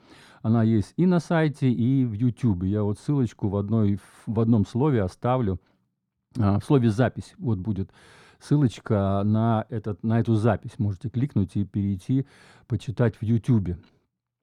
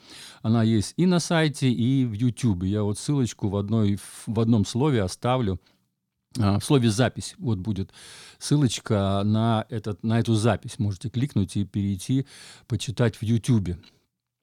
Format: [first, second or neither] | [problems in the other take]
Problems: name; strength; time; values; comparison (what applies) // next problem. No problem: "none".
second | muffled; slightly; fading above 2.5 kHz